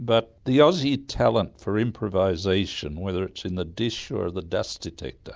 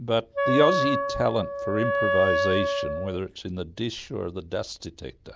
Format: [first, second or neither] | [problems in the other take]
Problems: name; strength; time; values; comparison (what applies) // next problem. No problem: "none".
first | background sound (Wind instrument, woodwind instrument); 2 dB above the speech